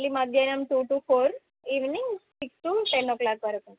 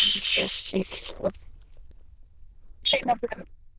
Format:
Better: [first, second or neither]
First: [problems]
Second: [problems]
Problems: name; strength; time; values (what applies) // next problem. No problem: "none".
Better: first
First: none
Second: noise reduction (neural diffusion model UNIVERSE++)